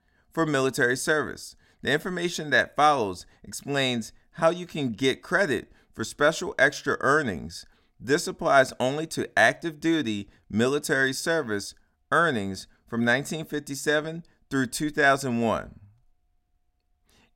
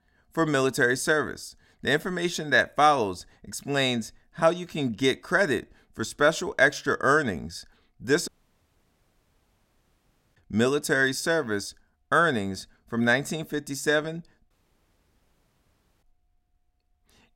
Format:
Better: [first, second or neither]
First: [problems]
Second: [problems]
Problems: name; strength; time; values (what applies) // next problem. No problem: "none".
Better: first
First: none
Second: audio cutting out; at 8.5 s for 2 s and at 15 s for 1.5 s